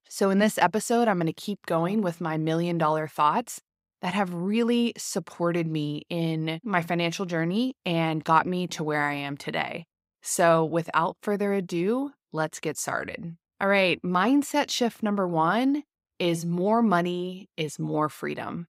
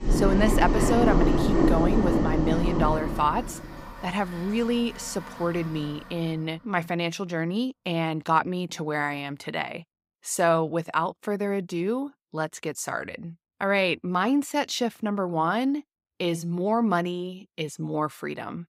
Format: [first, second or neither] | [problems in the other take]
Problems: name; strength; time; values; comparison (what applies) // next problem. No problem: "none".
first | household noises; very loud; until 6 s; 3 dB above the speech